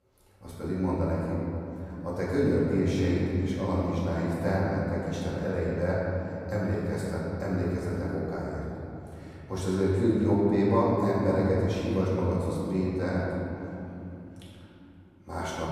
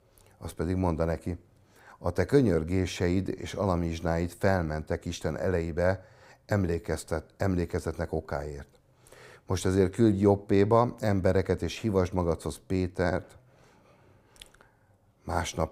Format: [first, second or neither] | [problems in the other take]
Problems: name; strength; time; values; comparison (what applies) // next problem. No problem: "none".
second | room echo; strong; dies away in 3 s // off-mic speech; far